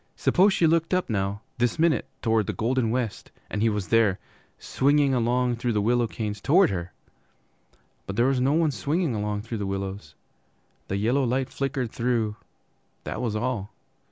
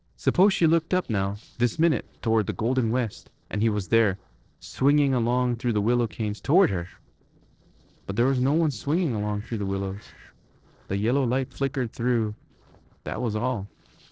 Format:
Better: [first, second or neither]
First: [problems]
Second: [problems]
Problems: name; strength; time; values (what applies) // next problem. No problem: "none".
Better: first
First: none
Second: noise reduction (neural separator model SepFormer DNS4)